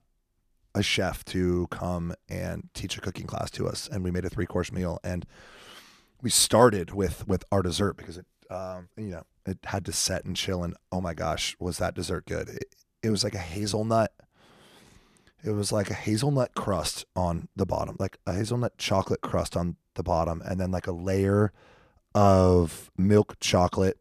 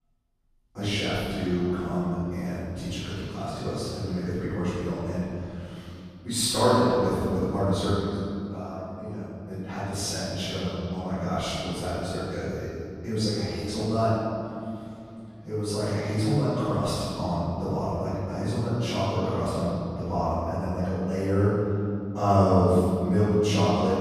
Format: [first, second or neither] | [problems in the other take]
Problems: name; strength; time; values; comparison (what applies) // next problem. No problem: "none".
first | off-mic speech; far // room echo; strong; dies away in 2.7 s